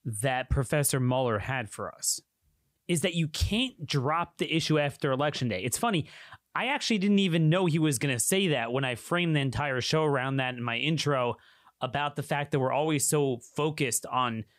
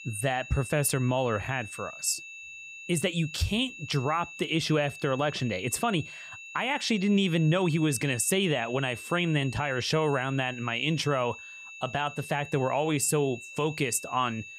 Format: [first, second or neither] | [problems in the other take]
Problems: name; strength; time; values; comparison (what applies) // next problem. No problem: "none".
first | high-pitched whine; noticeable; throughout; 2.5 kHz, 15 dB below the speech